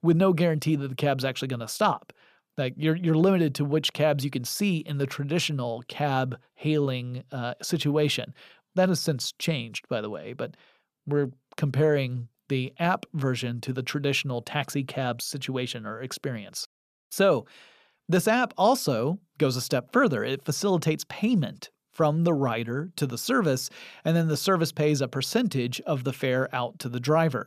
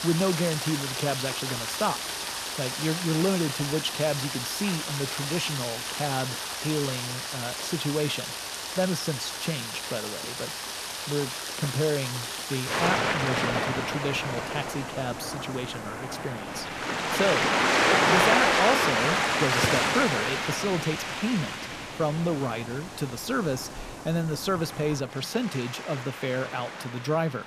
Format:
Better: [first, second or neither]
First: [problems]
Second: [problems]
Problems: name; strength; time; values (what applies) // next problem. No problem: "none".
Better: first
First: none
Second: rain or running water; very loud; throughout; 2 dB above the speech